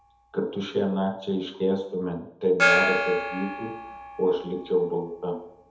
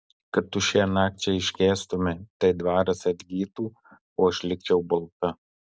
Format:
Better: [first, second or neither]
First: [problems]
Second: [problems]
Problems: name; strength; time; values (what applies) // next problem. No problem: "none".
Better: second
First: background sound (Gong); 3 dB below the speech // room echo; dies away in 0.7 s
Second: none